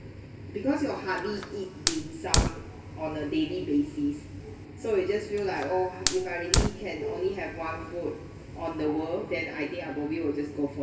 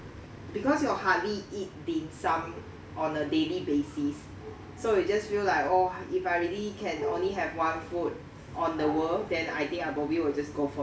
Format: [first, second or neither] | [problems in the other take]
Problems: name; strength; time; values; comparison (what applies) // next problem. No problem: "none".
second | background sound (Fire); 2 dB below the speech // room echo; dies away in 1.8 s